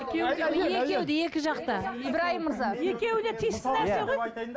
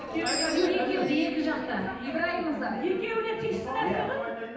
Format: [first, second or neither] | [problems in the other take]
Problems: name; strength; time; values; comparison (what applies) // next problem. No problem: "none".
first | background sound (Screech); 10 dB below the speech // room echo; dies away in 0.9 s